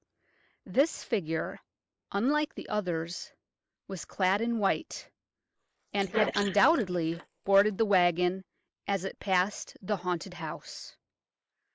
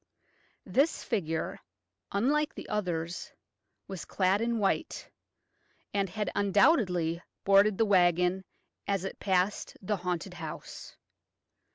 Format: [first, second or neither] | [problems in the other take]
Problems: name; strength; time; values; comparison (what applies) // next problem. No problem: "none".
second | noise reduction (neural mask model Resemble Enhance denoiser)